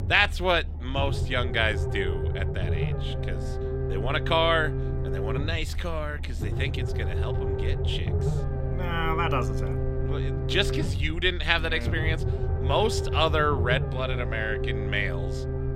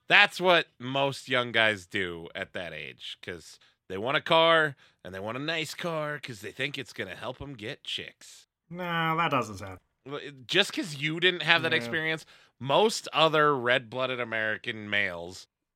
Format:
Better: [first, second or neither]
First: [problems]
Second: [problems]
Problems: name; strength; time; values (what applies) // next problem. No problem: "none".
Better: second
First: low rumble; loud; throughout; 10 dB below the speech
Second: none